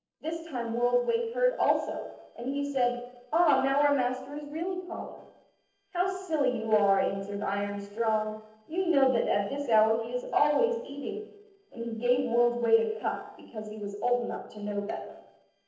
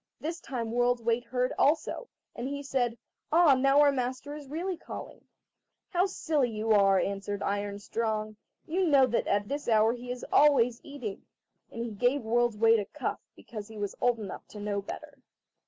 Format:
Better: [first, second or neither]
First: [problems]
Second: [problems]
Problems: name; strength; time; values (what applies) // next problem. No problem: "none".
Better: second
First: noise reduction (neural separator model SepFormer DNS4)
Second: none